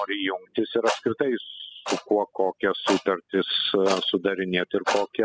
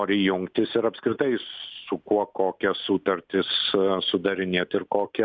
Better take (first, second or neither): second